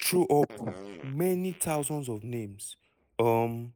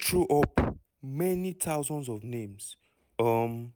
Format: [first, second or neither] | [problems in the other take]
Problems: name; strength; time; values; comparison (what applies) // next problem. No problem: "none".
second | noise reduction (neural mask model Resemble Enhance denoiser)